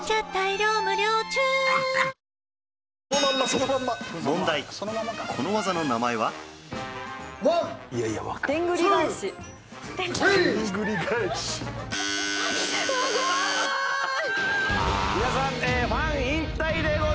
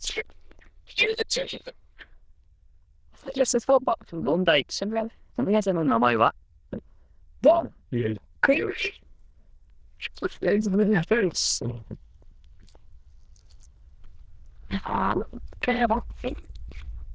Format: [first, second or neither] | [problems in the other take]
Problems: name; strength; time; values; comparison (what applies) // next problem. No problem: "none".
first | noise reduction (neural diffusion model UNIVERSE++)